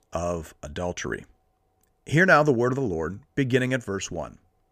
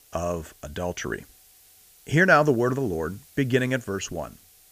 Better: first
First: none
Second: hiss; faint; throughout; 25 dB below the speech

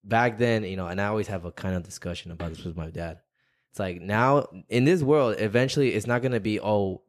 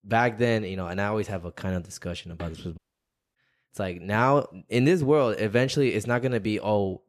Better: first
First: none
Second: audio cutting out; at 3 s for 0.5 s

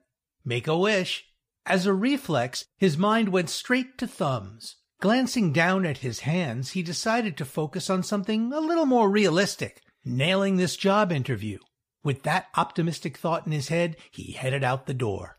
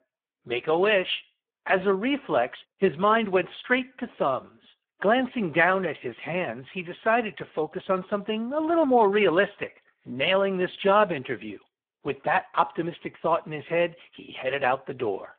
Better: first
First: none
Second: phone-call audio; poor line

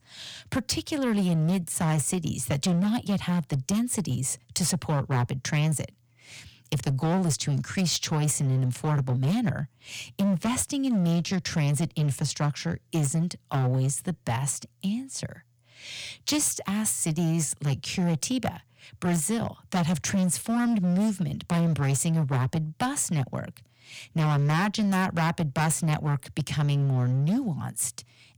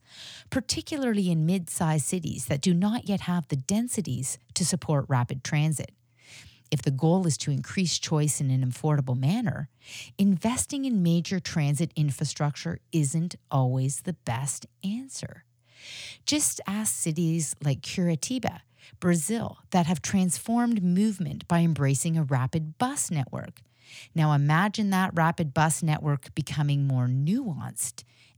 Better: second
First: distortion; slight; 16% of the sound clipped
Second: none

